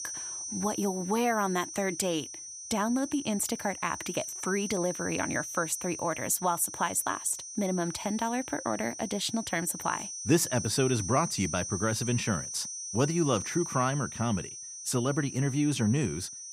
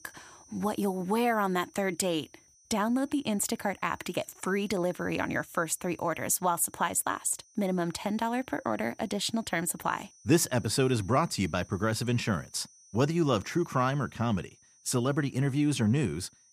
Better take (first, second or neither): second